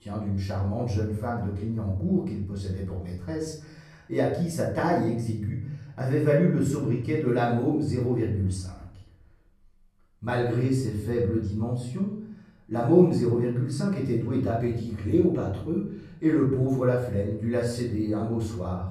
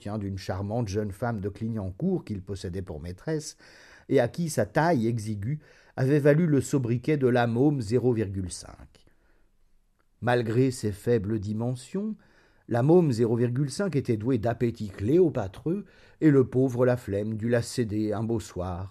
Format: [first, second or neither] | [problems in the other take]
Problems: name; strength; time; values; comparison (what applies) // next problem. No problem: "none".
second | off-mic speech; far // room echo; noticeable; dies away in 0.6 s